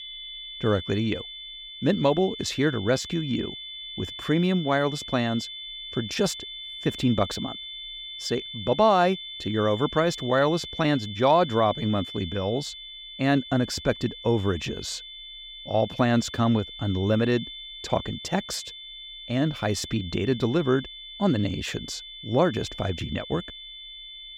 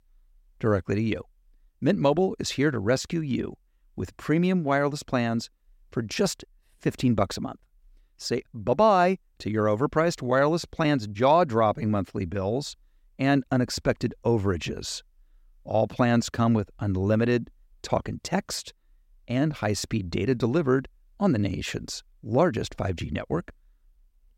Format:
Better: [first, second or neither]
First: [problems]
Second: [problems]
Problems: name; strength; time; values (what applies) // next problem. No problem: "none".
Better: second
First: high-pitched whine; noticeable; throughout; 3.5 kHz, 10 dB below the speech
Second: none